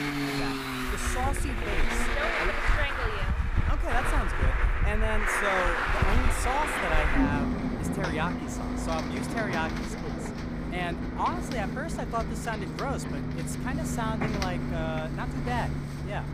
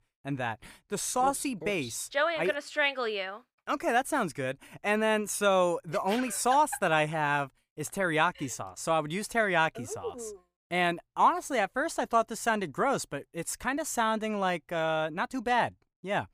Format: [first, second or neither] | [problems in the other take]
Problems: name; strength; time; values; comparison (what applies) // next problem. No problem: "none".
second | traffic noise; very loud; throughout; 4 dB above the speech